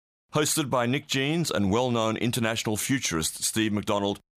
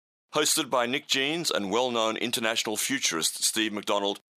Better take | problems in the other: first | thin; somewhat; fading below 350 Hz

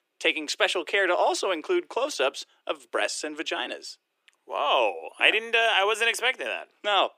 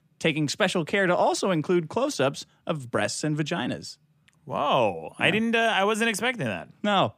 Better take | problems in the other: second | thin; very; fading below 350 Hz

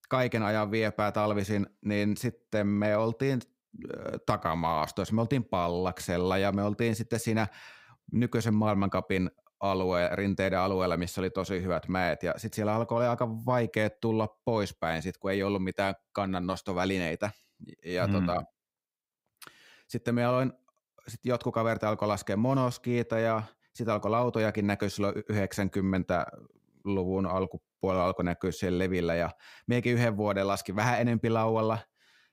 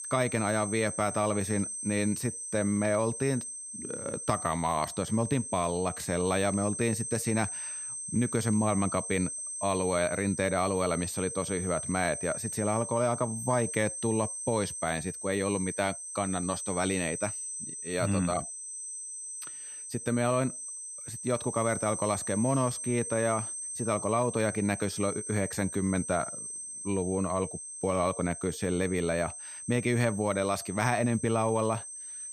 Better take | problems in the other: first | high-pitched whine; loud; throughout; 8.5 kHz, 6 dB below the speech

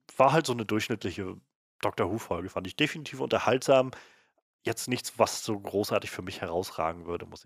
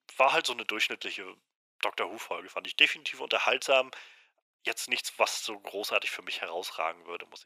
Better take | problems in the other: first | thin; very; fading below 550 Hz

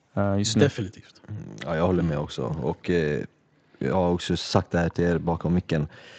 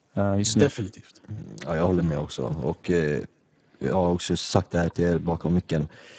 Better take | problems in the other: first | garbled, watery; badly; nothing above 7.5 kHz; slightly in the first

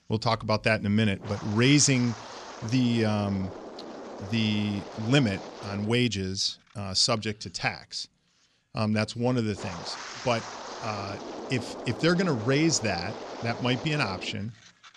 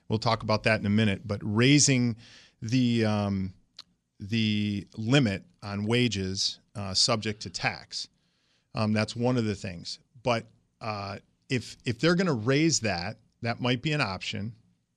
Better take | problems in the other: second | wind noise on the microphone; occasional gusts; 10 dB below the speech

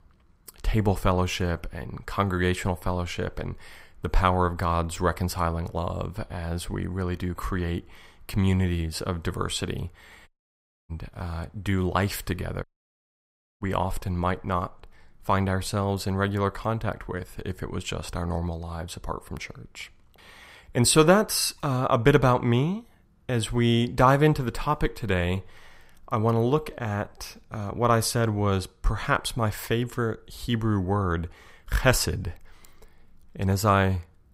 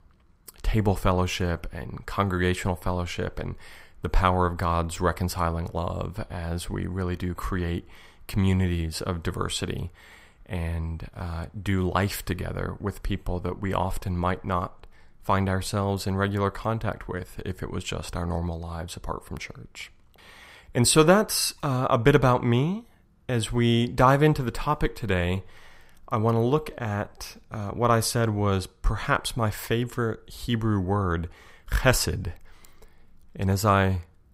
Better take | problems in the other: second | audio cutting out; at 10 s for 0.5 s and at 13 s for 1 s

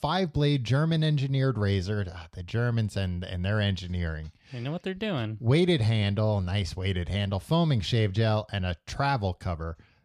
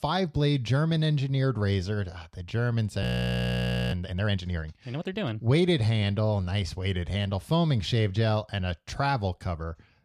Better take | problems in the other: first | audio freezing; at 3 s for 1 s

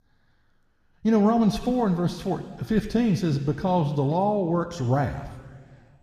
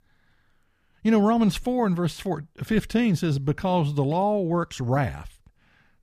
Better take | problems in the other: second | room echo; slight; dies away in 1.7 s

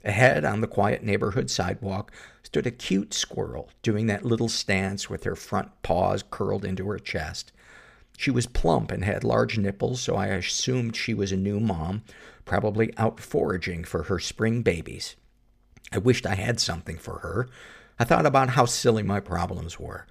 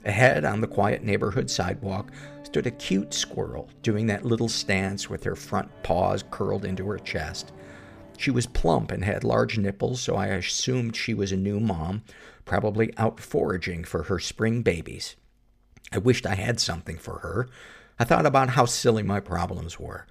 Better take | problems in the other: first | background music; faint; until 8.5 s; 20 dB below the speech

